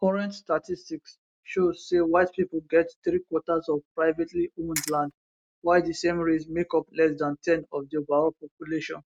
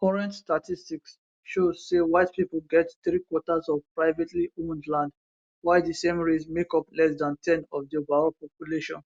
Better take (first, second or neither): second